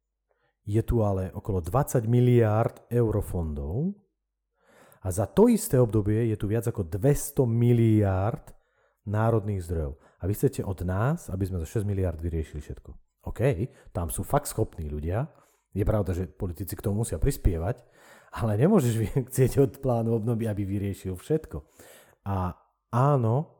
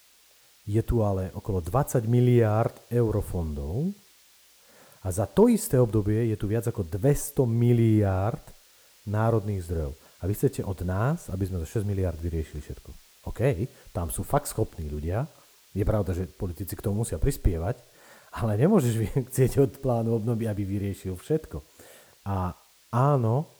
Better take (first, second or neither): first